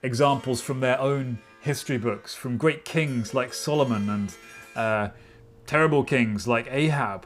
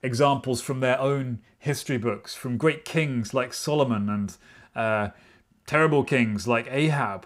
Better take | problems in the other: second | background music; faint; throughout; 25 dB below the speech

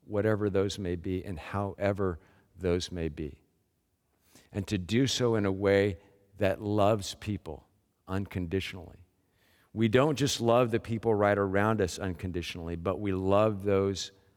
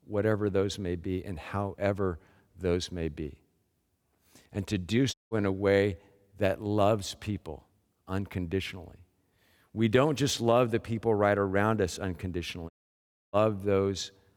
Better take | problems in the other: first | audio cutting out; at 5 s and at 13 s for 0.5 s

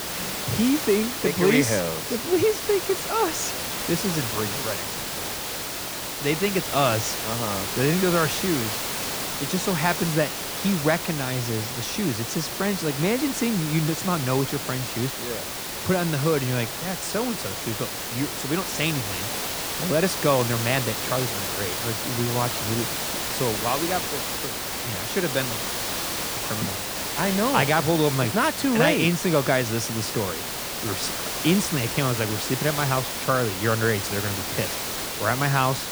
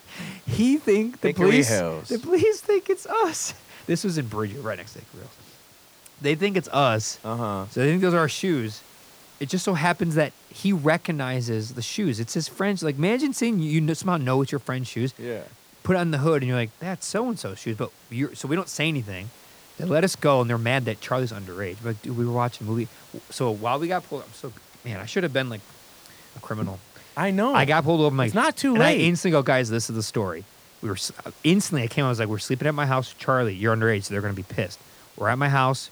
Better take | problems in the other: second | hiss; loud; throughout; 2 dB below the speech; faint in the second

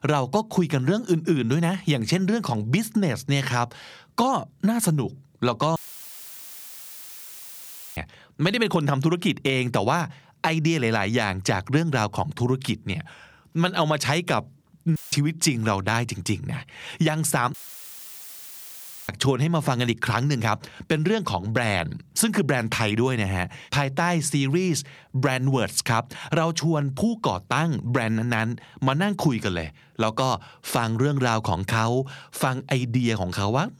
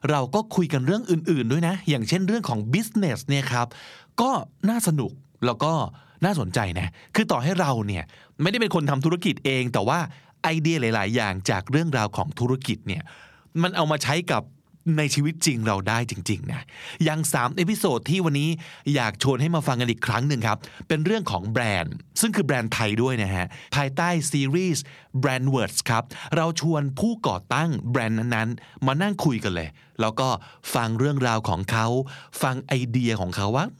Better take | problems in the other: second | audio cutting out; filled with static; at 6 s for 2 s, at 15 s and at 18 s for 1.5 s

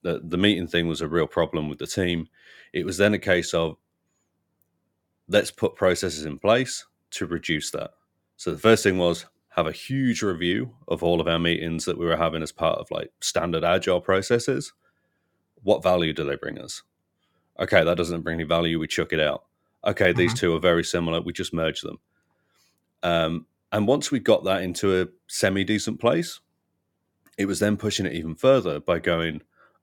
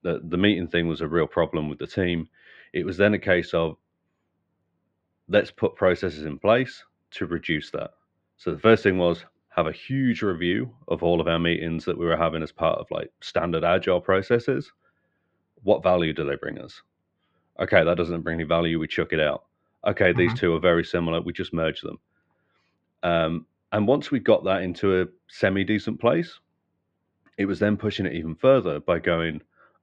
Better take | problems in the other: first | muffled; slightly; fading above 3 kHz

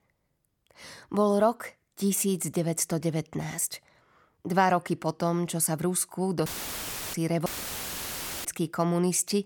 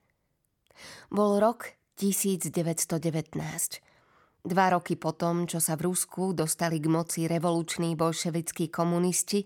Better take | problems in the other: second | audio cutting out; filled with static; at 6.5 s for 0.5 s and at 7.5 s for 1 s

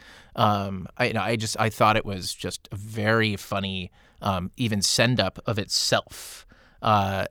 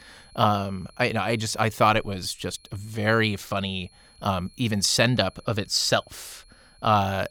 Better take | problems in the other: first | high-pitched whine; faint; throughout; 4.5 kHz, 30 dB below the speech

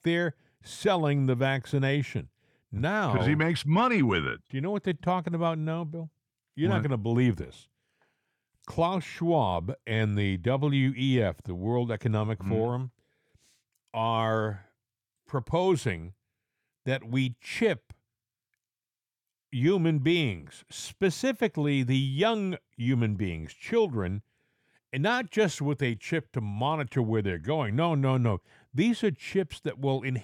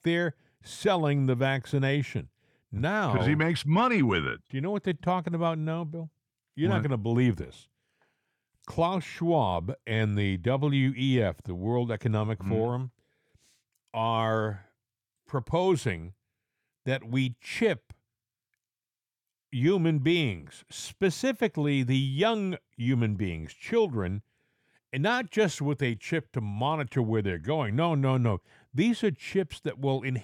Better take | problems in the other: neither | none

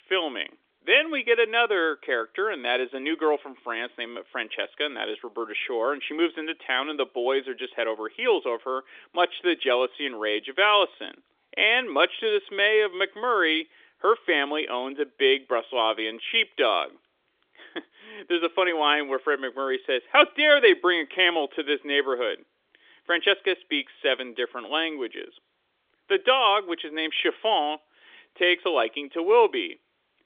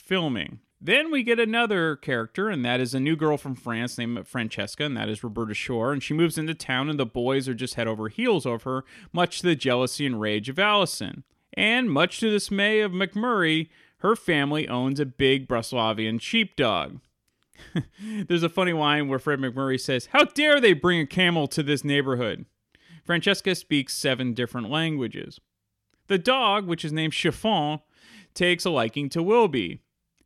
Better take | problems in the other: second | phone-call audio; nothing above 3.5 kHz

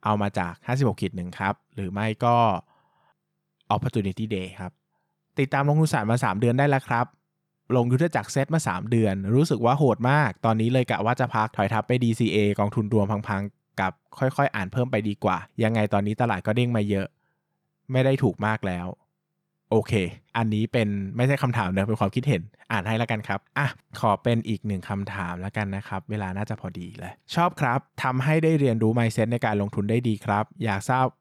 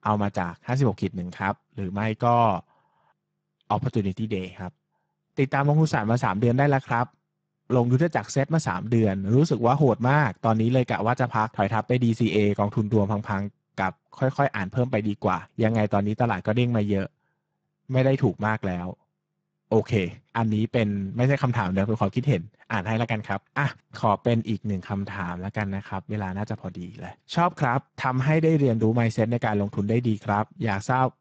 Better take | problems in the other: first | garbled, watery; badly; nothing above 7.5 kHz

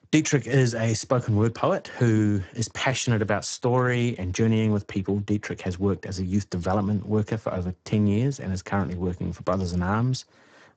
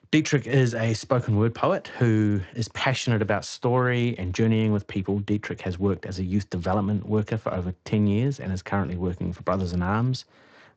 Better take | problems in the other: second | garbled, watery; badly; nothing above 7.5 kHz; slightly in the second

